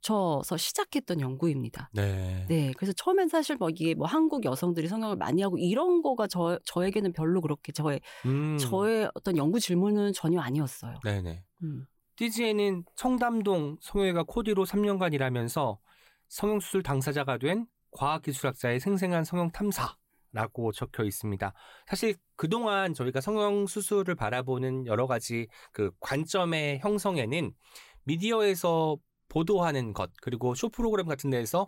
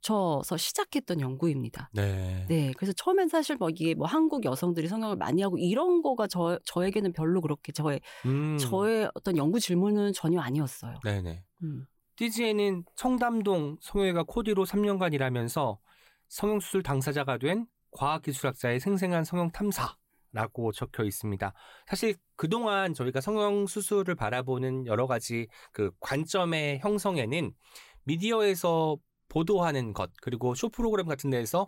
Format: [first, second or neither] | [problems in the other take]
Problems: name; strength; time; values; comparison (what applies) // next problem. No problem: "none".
neither | none